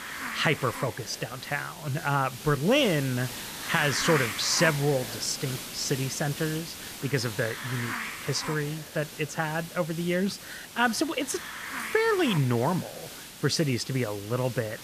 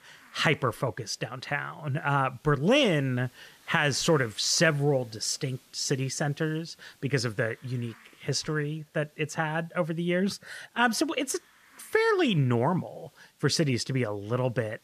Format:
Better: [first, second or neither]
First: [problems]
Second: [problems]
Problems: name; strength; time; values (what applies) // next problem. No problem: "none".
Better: second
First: hiss; loud; throughout; 8 dB below the speech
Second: hiss; faint; throughout; 30 dB below the speech